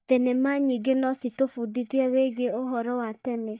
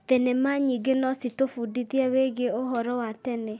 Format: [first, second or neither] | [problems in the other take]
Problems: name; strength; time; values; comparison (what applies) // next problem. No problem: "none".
second | noise reduction (neural mask model DeepFilterNet 3)